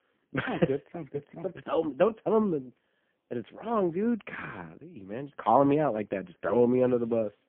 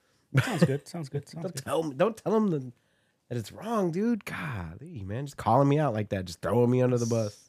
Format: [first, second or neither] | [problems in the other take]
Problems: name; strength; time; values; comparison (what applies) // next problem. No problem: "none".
second | phone-call audio; poor line; nothing above 3 kHz